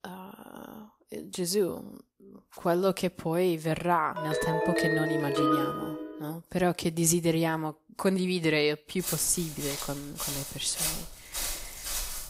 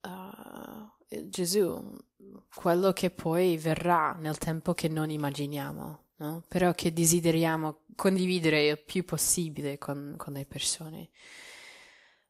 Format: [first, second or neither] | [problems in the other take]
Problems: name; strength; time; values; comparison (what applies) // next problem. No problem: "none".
second | phone ringing; loud; from 4 to 6 s; peak 3 dB above the speech // footsteps; noticeable; from 9 s on; peak 1 dB below the speech